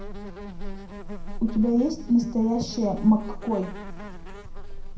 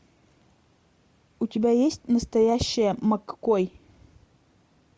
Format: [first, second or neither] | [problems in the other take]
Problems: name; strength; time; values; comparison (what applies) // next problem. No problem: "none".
second | background sound (Insect); 8 dB below the speech // room echo; dies away in 0.5 s